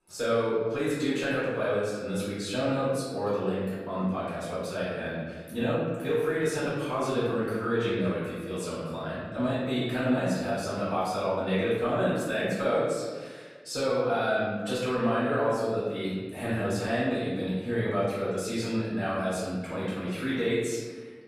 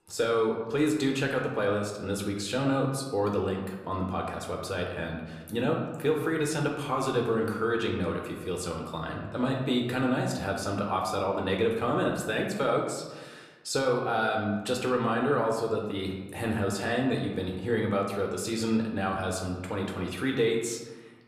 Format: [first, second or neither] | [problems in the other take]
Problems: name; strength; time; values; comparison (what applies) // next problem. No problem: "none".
second | room echo; strong; dies away in 1.3 s; slight in the second // off-mic speech; far; somewhat distant in the second